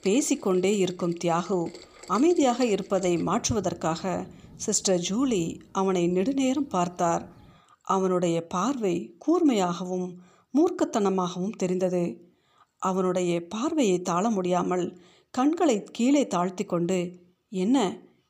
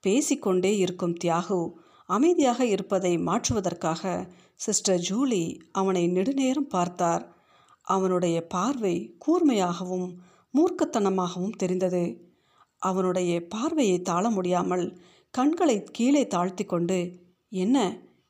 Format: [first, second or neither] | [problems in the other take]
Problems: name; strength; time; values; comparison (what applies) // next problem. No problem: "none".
second | rain or running water; faint; until 7.5 s; 20 dB below the speech